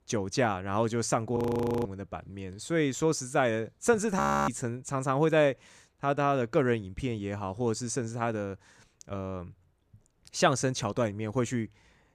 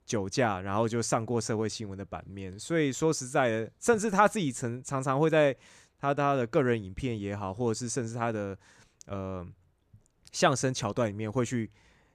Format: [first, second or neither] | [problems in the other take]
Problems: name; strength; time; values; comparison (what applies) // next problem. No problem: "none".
second | audio freezing; at 1.5 s and at 4 s